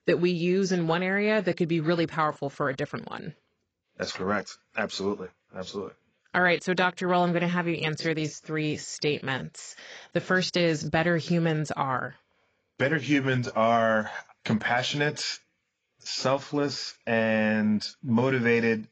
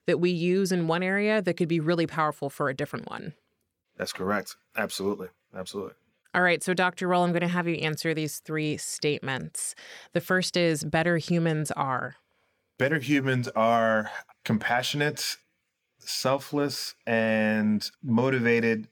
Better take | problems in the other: second | garbled, watery; badly; nothing above 7.5 kHz

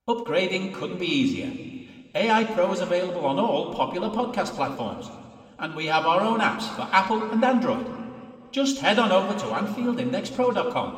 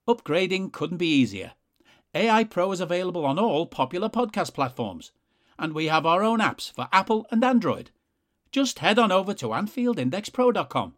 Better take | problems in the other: second | room echo; slight; dies away in 2 s // off-mic speech; somewhat distant

